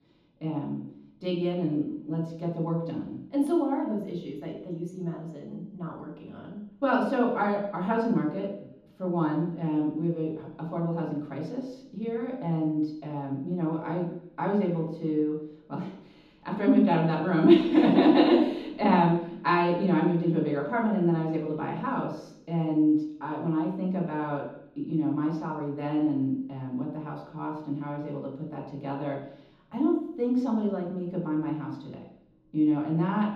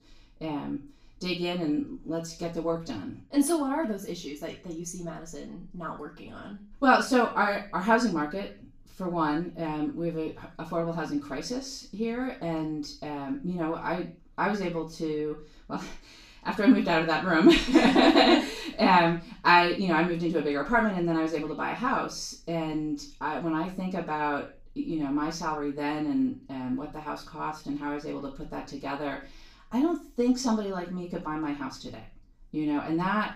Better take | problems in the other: second | room echo; strong; dies away in 0.9 s; slight in the second // off-mic speech; far; far in the second

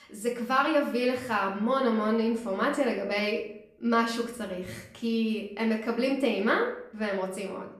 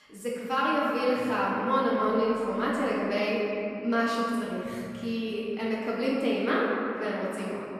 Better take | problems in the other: first | room echo; strong; dies away in 2.7 s; slight in the first // off-mic speech; far; far in the first

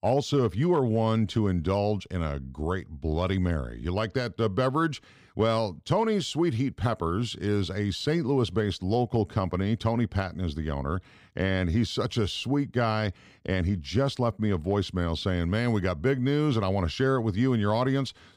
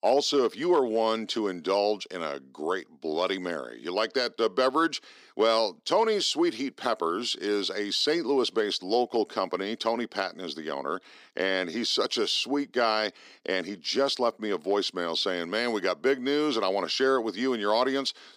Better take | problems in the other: first | thin; somewhat; fading below 300 Hz

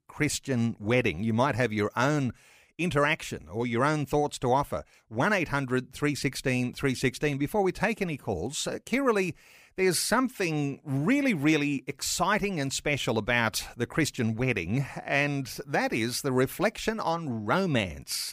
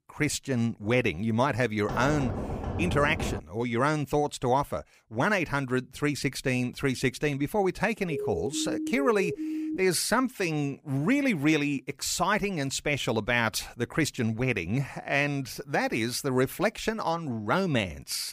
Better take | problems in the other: first | door banging; noticeable; from 2 to 3.5 s; peak 5 dB below the speech // siren; noticeable; from 8 to 10 s; peak 5 dB below the speech

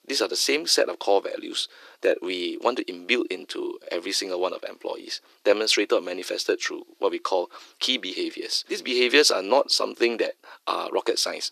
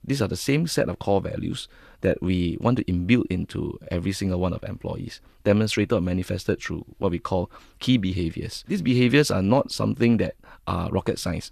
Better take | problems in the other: second | thin; very; fading below 350 Hz

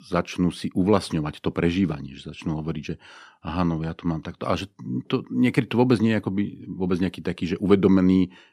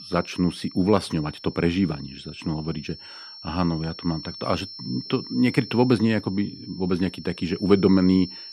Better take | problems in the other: first | high-pitched whine; noticeable; throughout; 5.5 kHz, 15 dB below the speech

